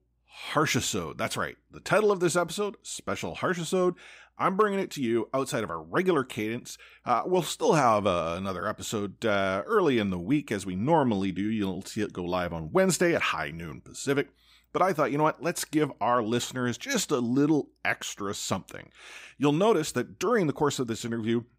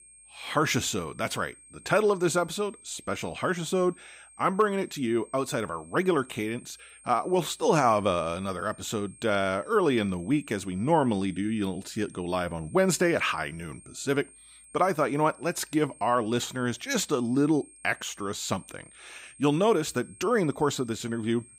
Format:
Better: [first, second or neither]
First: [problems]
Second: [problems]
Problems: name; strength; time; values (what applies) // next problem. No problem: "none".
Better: first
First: none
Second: high-pitched whine; faint; throughout; 8.5 kHz, 25 dB below the speech